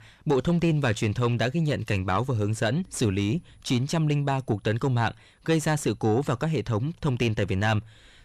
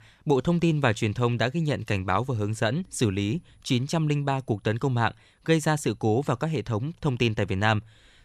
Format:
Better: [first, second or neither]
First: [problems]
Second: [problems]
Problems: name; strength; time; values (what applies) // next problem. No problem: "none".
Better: second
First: distortion; slight; 10 dB below the speech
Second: none